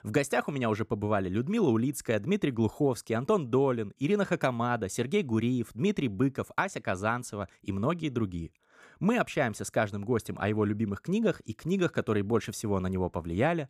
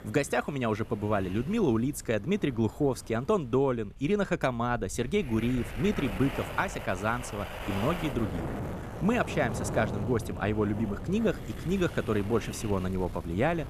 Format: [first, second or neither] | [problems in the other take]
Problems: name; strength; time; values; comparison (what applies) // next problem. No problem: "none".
first | wind noise on the microphone; heavy; 9 dB below the speech